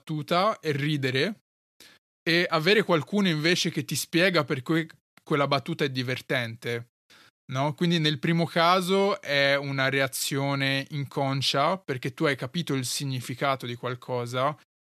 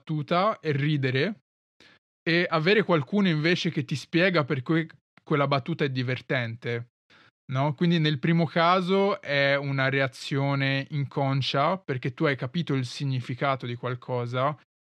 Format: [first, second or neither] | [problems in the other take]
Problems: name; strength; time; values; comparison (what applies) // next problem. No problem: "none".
first | muffled; very slightly; fading above 3.5 kHz